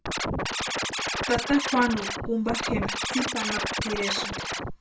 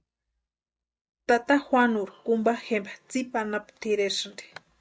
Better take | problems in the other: second | background sound (Scratching (performance technique)); as loud as the speech // room echo; dies away in 0.2 s

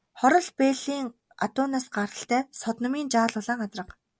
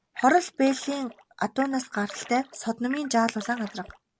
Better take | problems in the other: first | background sound (Splash, splatter); 17 dB below the speech

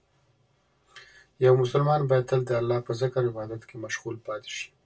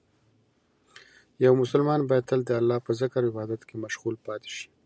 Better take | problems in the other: second | room echo; dies away in 0.1 s

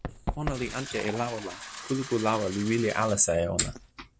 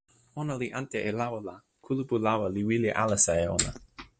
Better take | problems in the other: second | background sound (Fill (with liquid) + Run); 10 dB below the speech

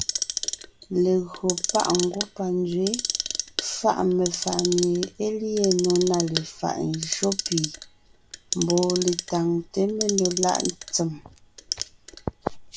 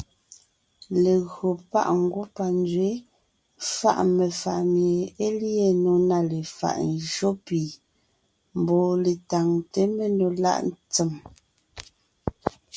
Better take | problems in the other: second | background sound (Clock); 7 dB below the speech

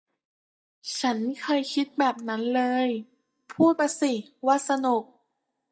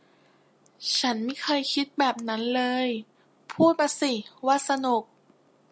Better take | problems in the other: second | noise reduction (neural mask model DeepFilterNet 3)

